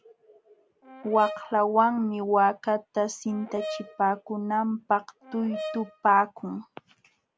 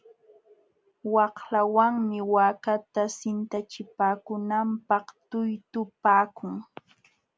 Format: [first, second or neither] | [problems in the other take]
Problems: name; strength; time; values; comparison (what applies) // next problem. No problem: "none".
second | background sound (Brass instrument); 13 dB below the speech